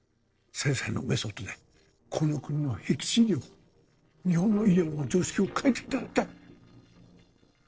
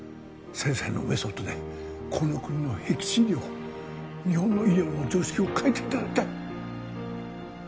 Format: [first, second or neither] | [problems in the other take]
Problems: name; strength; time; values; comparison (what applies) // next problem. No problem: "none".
second | noise reduction (neural separator model SepFormer DNS4)